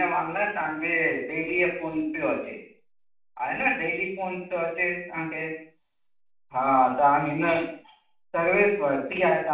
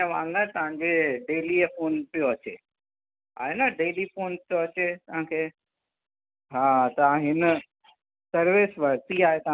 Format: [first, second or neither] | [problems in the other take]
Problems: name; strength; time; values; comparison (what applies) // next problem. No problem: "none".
second | room echo; dies away in 0.5 s